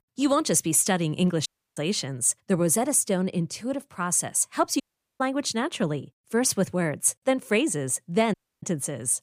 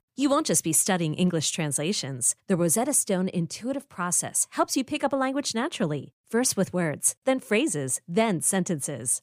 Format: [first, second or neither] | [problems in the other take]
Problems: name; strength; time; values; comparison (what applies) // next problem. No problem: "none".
second | audio cutting out; at 1.5 s, at 5 s and at 8.5 s